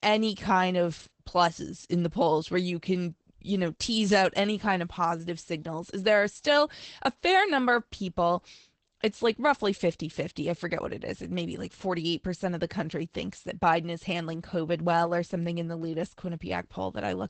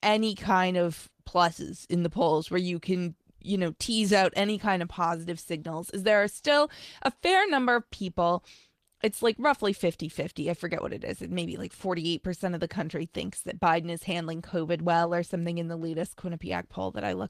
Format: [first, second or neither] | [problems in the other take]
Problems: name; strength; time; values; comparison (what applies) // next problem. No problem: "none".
second | garbled, watery; badly; nothing above 8 kHz; slightly in the second